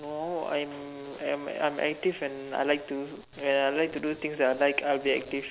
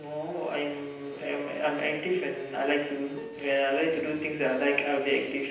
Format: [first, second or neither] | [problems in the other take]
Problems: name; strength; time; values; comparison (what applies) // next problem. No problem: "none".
first | background sound (Plucked string instrument); 18 dB below the speech // room echo; dies away in 0.9 s